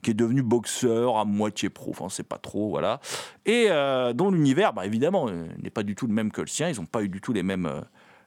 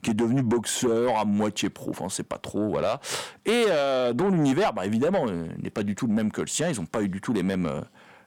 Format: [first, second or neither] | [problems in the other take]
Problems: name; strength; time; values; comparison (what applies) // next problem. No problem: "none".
first | distortion; slight; 10 dB below the speech